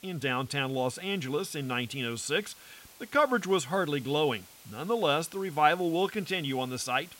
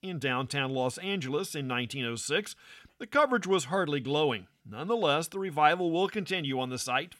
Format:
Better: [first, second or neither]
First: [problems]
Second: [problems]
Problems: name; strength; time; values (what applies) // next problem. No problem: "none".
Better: second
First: hiss; faint; throughout; 20 dB below the speech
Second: none